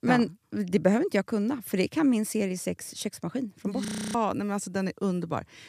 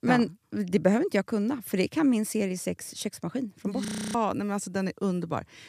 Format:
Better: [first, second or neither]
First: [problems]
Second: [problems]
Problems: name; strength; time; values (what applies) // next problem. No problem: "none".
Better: neither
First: audio freezing; at 4 s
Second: audio freezing; at 4 s